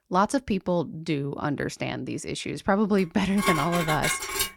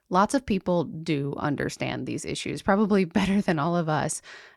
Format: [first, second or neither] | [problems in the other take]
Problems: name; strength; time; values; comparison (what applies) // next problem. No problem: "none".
second | clattering dishes; loud; from 3.5 s on; peak 1 dB above the speech